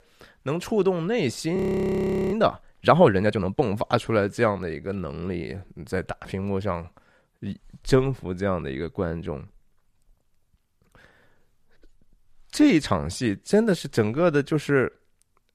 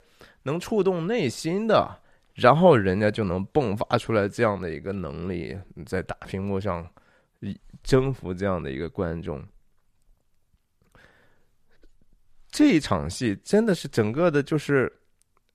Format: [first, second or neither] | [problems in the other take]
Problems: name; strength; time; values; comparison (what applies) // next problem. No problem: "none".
second | audio freezing; at 1.5 s for 1 s